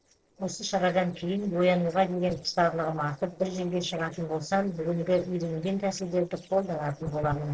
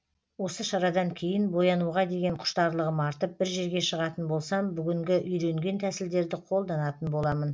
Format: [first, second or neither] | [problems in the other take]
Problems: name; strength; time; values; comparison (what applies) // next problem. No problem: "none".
second | noise reduction (neural separator model SepFormer DNS4)